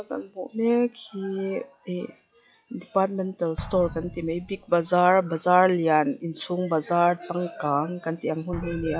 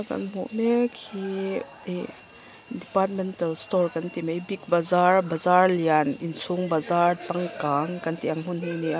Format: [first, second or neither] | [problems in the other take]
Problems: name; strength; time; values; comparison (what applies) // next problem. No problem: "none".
second | noise reduction (classical method log-MMSE)